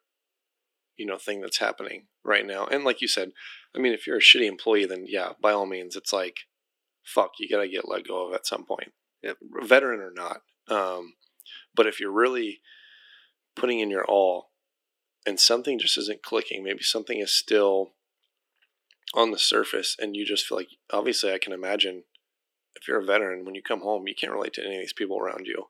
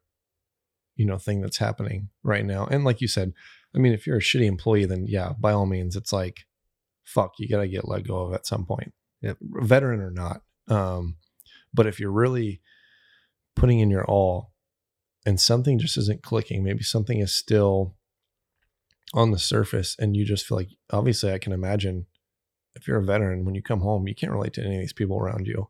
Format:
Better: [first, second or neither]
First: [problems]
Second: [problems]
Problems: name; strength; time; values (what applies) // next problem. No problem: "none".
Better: second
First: thin; very; fading below 300 Hz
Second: none